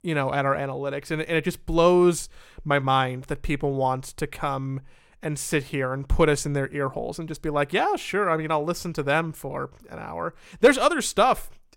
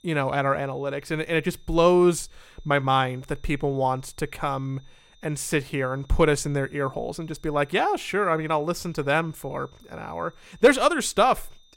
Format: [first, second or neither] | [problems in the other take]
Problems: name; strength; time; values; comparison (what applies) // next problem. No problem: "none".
first | high-pitched whine; faint; throughout; 3.5 kHz, 35 dB below the speech